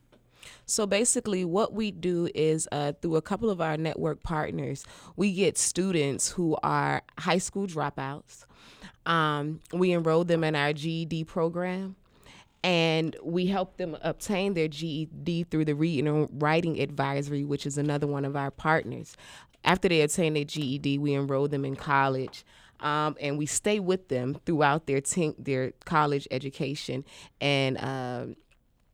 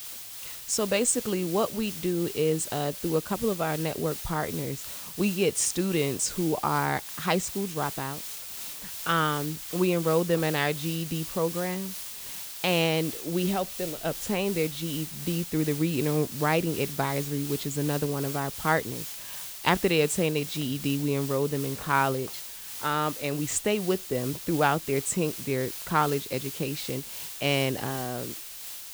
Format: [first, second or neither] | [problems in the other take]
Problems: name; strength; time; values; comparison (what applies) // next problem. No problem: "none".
first | hiss; loud; throughout; 8 dB below the speech